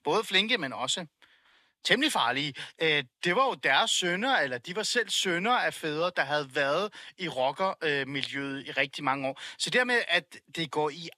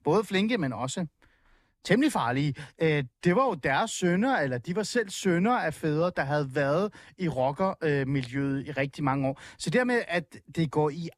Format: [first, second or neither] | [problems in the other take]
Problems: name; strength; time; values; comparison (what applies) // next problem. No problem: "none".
second | thin; somewhat; fading below 800 Hz